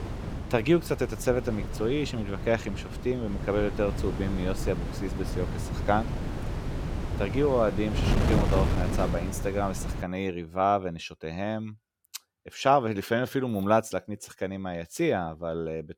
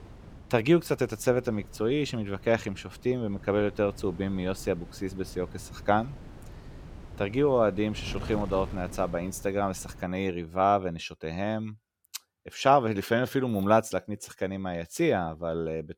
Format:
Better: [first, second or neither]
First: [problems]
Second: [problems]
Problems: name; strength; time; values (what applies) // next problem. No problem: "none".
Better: second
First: wind noise on the microphone; heavy; until 10 s; 9 dB below the speech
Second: wind noise on the microphone; occasional gusts; until 10 s; 20 dB below the speech